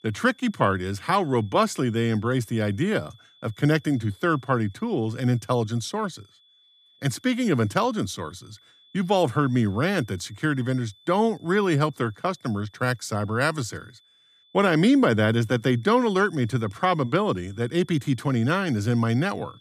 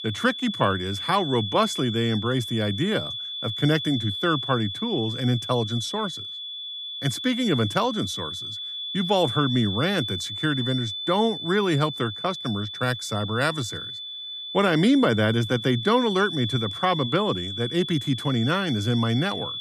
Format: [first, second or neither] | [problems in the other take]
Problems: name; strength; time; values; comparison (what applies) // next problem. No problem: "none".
first | high-pitched whine; loud; throughout; 3.5 kHz, 6 dB below the speech; faint in the first